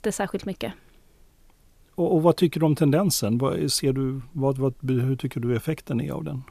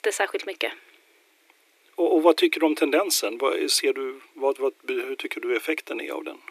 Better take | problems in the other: first | thin; very; fading below 300 Hz

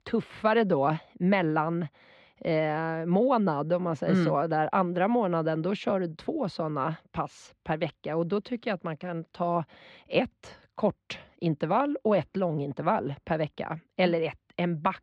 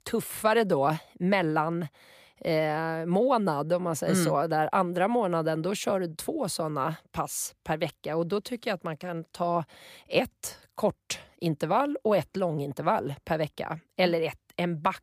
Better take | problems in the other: second | muffled; slightly; fading above 3.5 kHz

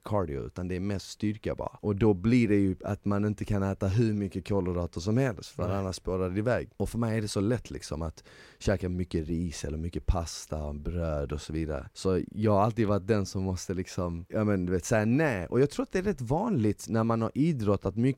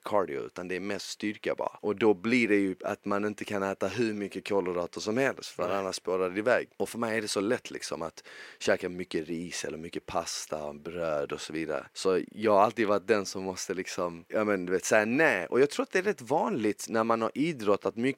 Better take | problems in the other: first | thin; somewhat; fading below 350 Hz

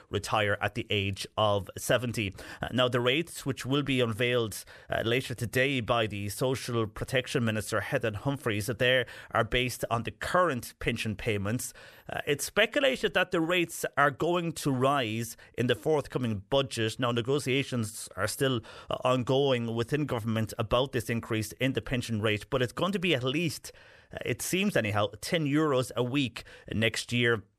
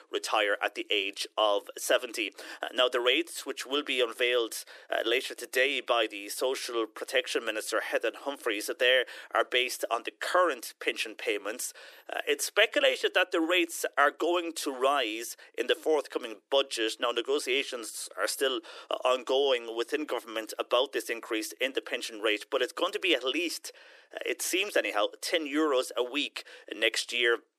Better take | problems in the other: first | thin; very; fading below 300 Hz

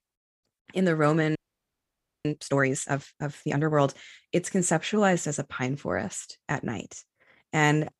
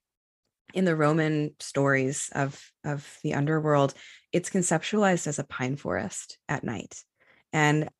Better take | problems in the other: second | audio freezing; at 1.5 s for 1 s

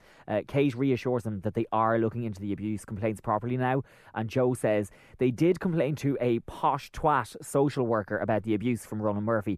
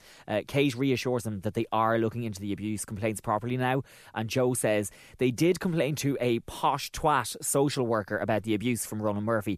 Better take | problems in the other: second | muffled; slightly; fading above 2.5 kHz

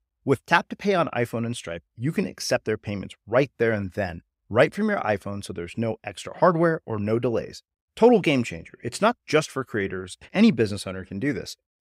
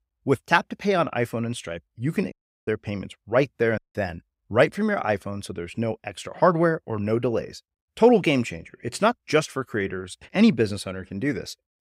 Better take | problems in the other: first | audio cutting out; at 2.5 s and at 4 s

